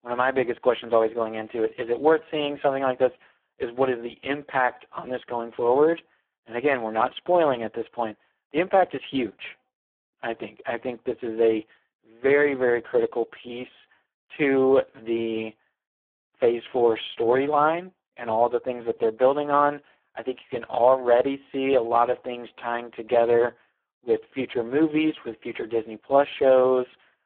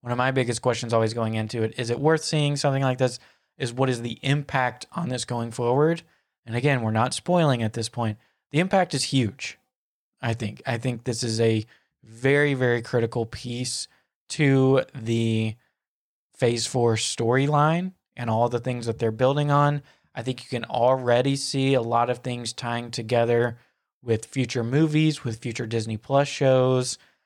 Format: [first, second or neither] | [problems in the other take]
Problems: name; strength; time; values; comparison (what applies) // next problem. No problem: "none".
second | phone-call audio; poor line